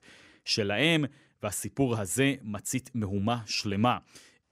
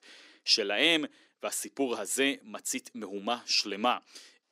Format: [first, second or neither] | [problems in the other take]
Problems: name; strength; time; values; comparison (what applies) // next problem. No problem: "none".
first | thin; very slightly; fading below 300 Hz